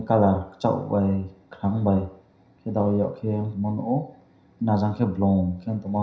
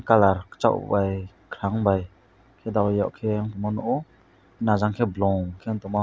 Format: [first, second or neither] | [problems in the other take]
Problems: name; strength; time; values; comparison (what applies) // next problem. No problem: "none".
second | room echo; dies away in 0.5 s